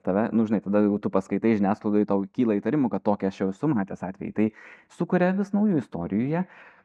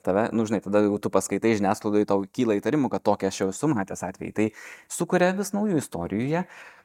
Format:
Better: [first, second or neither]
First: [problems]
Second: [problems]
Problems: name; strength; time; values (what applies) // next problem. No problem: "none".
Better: second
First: muffled; very; fading above 2.5 kHz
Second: none